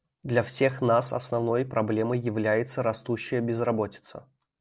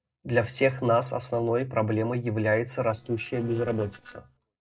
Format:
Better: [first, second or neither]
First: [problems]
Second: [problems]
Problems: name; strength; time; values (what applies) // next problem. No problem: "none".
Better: first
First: none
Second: noise reduction (neural separator model SepFormer DNS4)